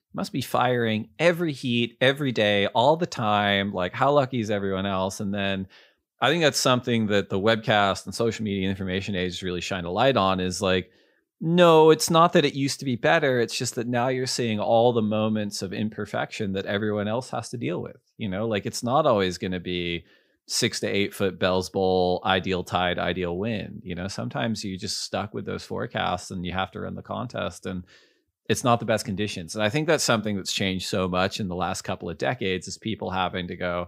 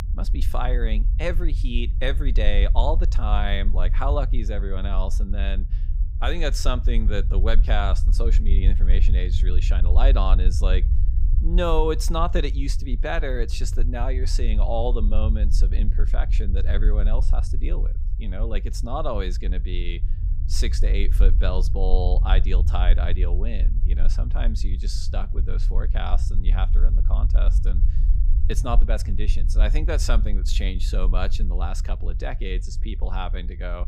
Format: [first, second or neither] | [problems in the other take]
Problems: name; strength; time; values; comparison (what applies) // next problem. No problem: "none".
first | low rumble; noticeable; throughout; 15 dB below the speech